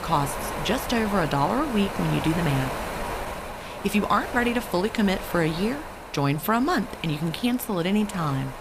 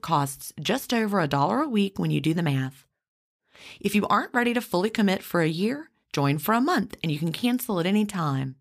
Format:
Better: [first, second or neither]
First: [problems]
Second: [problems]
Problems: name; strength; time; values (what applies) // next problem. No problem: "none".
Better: second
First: wind noise on the microphone; heavy; 6 dB below the speech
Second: none